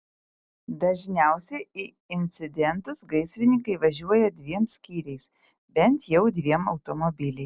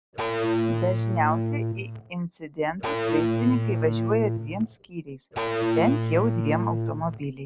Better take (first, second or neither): first